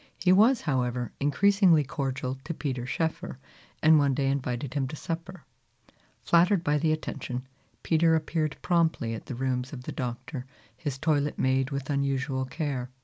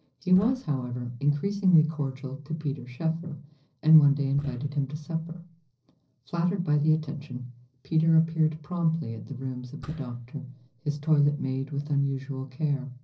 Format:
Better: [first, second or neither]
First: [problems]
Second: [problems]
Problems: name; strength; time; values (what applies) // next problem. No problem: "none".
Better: first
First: none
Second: noise reduction (neural separator model SepFormer DNS4)